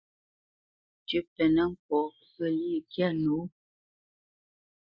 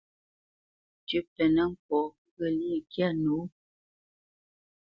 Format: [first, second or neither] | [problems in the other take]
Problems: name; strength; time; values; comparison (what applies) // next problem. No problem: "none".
second | noise reduction (neural mask model Resemble Enhance denoiser)